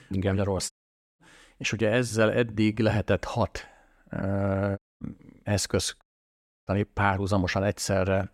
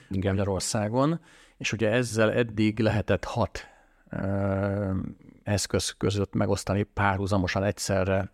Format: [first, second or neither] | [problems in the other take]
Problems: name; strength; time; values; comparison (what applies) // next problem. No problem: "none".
second | audio cutting out; at 0.5 s, at 5 s and at 6 s for 0.5 s